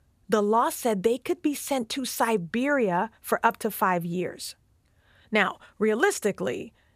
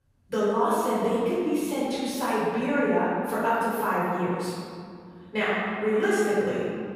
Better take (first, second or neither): first